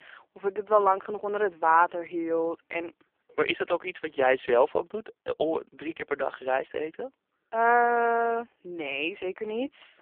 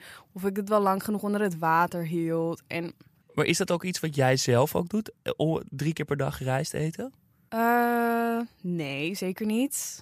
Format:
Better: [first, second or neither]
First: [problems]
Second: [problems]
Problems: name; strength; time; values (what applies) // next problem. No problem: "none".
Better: second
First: phone-call audio; poor line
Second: none